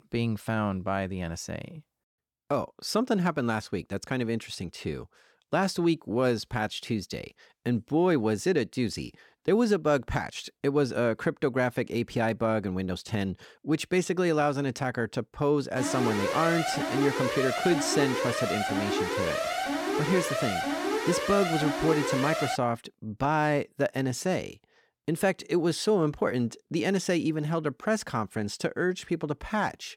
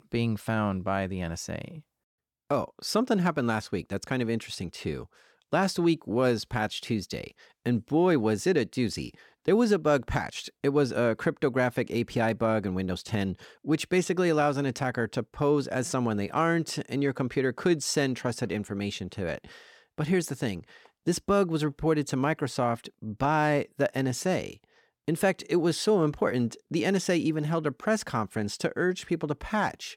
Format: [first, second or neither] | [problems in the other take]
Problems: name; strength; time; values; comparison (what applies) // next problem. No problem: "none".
second | alarm; noticeable; from 16 to 23 s; peak level with the speech